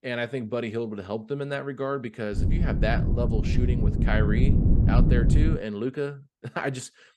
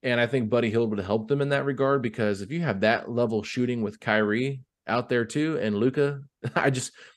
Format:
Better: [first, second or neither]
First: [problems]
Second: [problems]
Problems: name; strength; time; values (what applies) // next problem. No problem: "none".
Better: second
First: wind noise on the microphone; heavy; from 2.5 to 5.5 s; 3 dB below the speech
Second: none